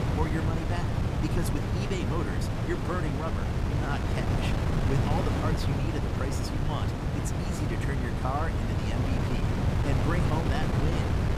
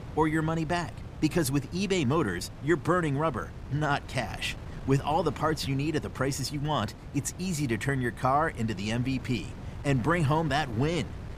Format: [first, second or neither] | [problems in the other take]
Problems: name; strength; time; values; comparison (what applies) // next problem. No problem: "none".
second | wind noise on the microphone; heavy; 2 dB above the speech; occasional gusts in the second